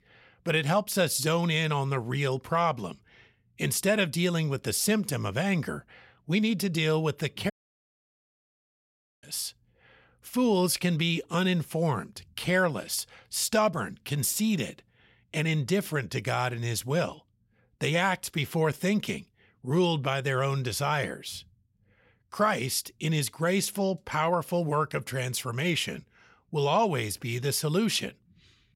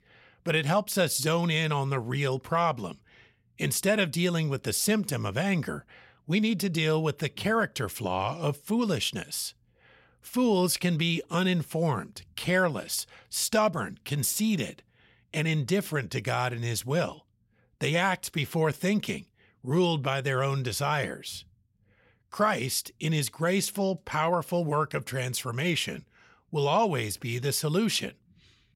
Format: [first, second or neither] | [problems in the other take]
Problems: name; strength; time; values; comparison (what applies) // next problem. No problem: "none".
second | audio cutting out; at 7.5 s for 1.5 s